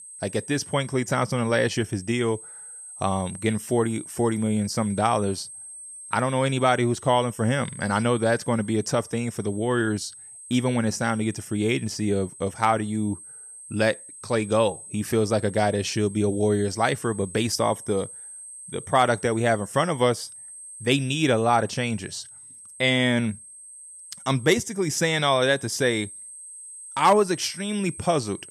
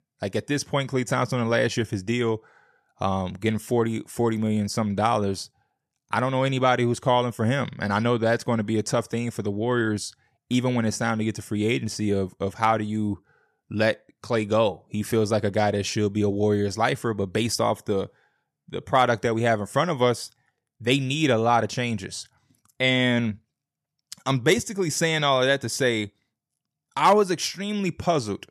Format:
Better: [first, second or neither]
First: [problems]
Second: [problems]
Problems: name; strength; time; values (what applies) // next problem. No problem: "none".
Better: second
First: high-pitched whine; noticeable; throughout; 8.5 kHz, 15 dB below the speech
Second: none